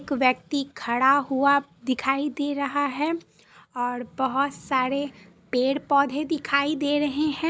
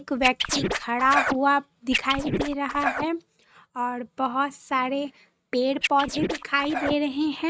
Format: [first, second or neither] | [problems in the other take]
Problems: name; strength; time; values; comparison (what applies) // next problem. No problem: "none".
first | noise reduction (neural mask model RNNoise)